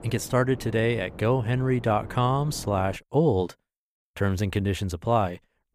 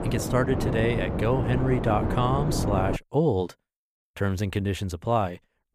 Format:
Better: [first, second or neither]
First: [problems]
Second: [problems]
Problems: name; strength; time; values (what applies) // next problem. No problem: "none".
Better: first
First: wind noise on the microphone; occasional gusts; until 3 s; 20 dB below the speech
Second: wind noise on the microphone; heavy; until 3 s; 5 dB below the speech